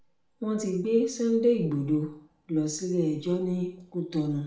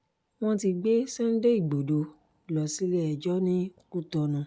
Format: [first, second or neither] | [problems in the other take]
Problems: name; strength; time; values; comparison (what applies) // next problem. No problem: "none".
second | room echo; dies away in 0.5 s